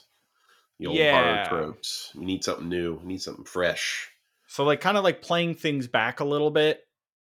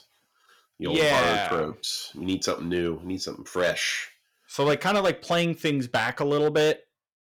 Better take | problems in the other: first | distortion; slight; 5% of the sound clipped

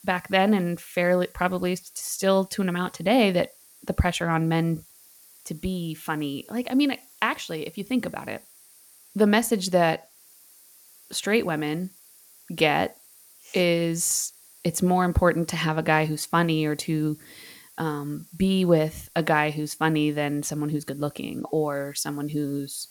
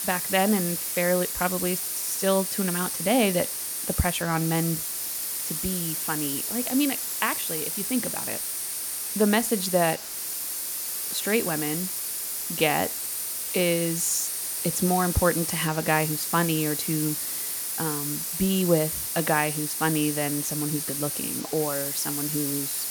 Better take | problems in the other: first | hiss; loud; throughout; 1 dB below the speech; faint in the first

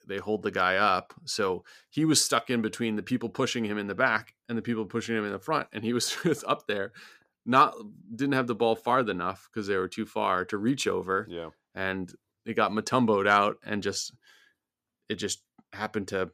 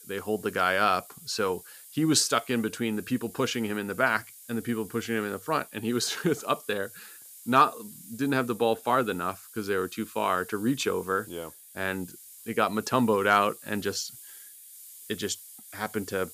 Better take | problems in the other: first | hiss; noticeable; throughout; 20 dB below the speech

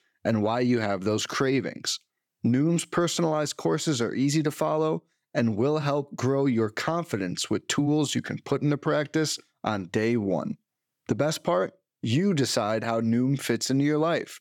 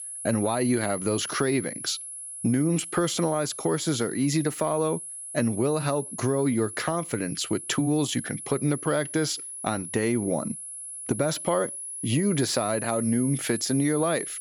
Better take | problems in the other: first | high-pitched whine; loud; throughout; 10.5 kHz, 8 dB below the speech

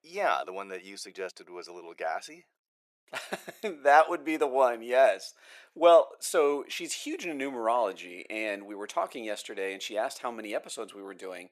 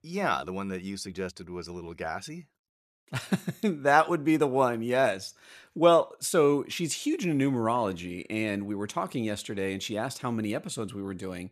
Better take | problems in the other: second | thin; very; fading below 350 Hz

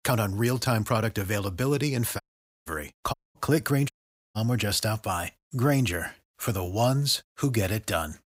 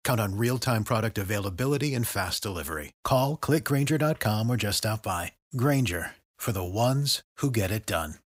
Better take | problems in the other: second | audio cutting out; at 2 s, at 3 s and at 4 s

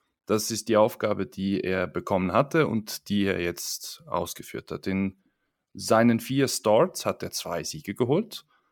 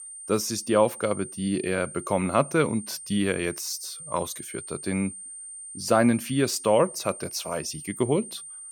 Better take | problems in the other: first | high-pitched whine; noticeable; throughout; 9 kHz, 10 dB below the speech

